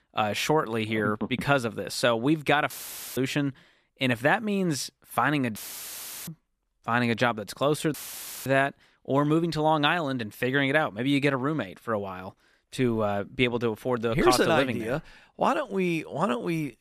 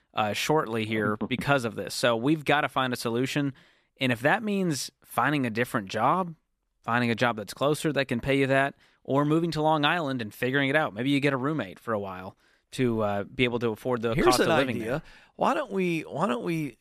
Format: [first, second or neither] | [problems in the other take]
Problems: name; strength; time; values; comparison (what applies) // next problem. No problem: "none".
second | audio cutting out; filled with static; at 2.5 s, at 5.5 s for 0.5 s and at 8 s for 0.5 s